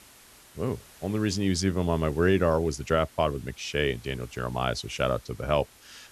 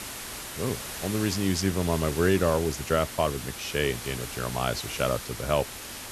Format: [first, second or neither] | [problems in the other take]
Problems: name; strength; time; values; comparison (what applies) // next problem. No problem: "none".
first | hiss; loud; throughout; 8 dB below the speech; faint in the first